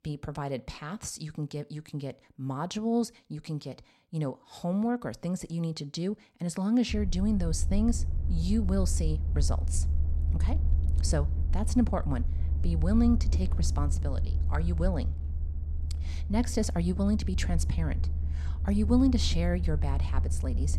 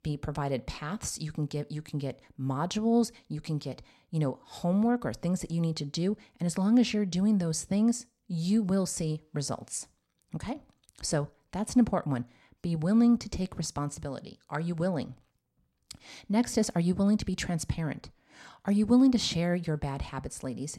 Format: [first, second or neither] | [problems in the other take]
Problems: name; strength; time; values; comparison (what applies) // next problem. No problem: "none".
second | low rumble; noticeable; from 7 s on; 15 dB below the speech